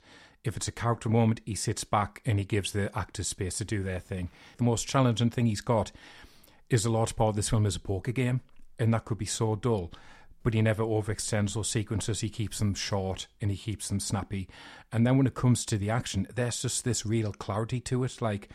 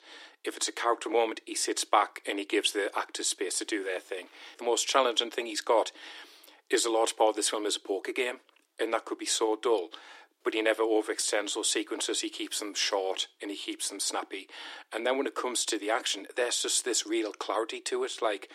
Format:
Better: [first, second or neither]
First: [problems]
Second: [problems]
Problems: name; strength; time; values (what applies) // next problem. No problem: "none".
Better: first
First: none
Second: thin; very; fading below 300 Hz